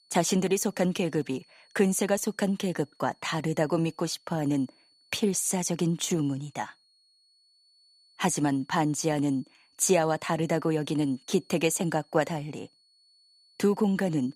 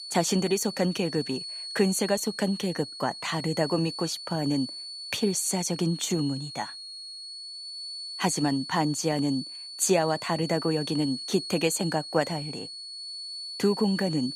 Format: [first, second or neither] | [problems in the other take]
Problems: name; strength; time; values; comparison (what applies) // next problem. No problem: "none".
first | high-pitched whine; loud; throughout; 4.5 kHz, 8 dB below the speech; faint in the first